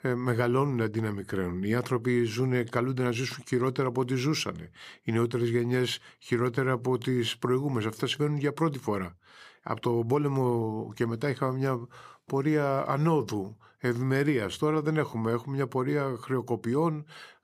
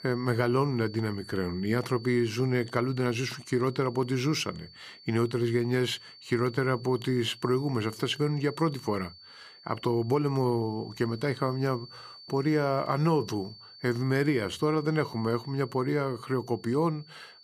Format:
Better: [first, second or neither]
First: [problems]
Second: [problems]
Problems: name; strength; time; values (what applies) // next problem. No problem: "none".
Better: first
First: none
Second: high-pitched whine; noticeable; throughout; 4.5 kHz, 20 dB below the speech